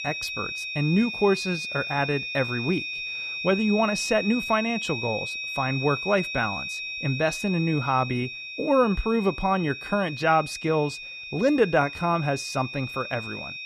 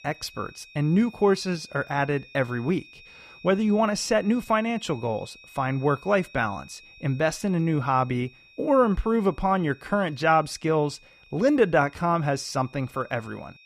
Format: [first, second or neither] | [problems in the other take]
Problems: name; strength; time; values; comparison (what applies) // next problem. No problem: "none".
second | high-pitched whine; loud; throughout; 2.5 kHz, 6 dB below the speech; faint in the second